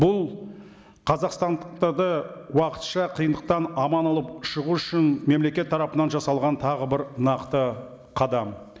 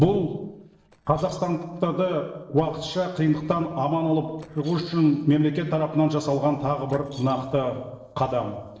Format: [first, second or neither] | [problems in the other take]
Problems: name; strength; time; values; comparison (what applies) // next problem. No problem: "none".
first | noise reduction (neural separator model SepFormer DNS4)